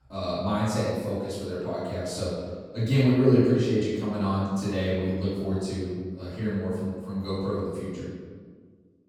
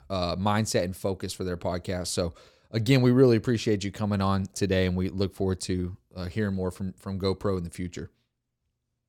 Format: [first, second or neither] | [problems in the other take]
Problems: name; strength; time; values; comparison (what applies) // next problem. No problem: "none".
second | off-mic speech; far // room echo; strong; dies away in 1.5 s